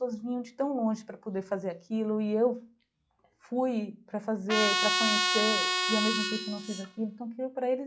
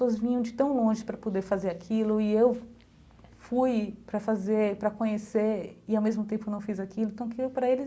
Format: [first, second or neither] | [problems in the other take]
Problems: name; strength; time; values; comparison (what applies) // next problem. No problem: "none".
second | noise reduction (classical method log-MMSE)